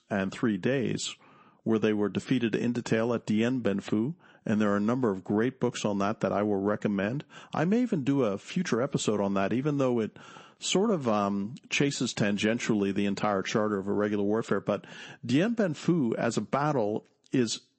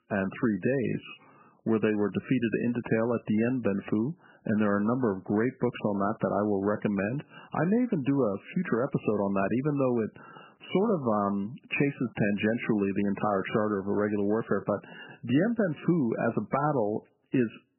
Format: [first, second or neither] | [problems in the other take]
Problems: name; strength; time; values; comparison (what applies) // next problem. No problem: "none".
first | garbled, watery; badly; nothing above 3 kHz; slightly in the first